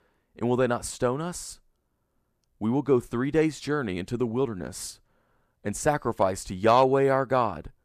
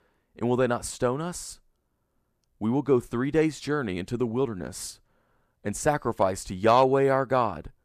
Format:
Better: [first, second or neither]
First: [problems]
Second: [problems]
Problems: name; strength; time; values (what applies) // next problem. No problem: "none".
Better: neither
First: none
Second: none